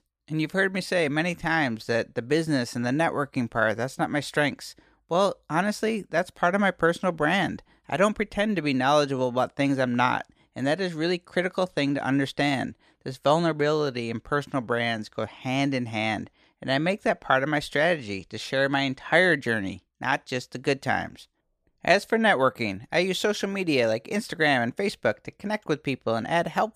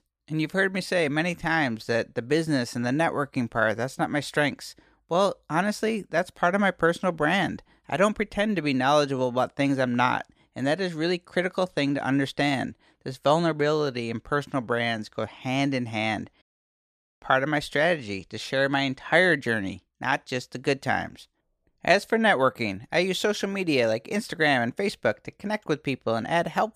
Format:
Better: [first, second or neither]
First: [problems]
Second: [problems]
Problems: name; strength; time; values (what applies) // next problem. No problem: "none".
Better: first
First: none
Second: audio cutting out; at 16 s for 1 s